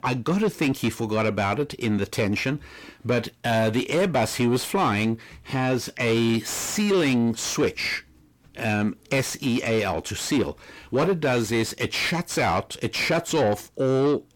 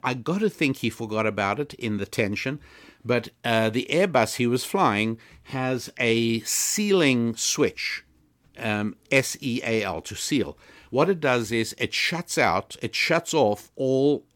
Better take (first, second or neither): second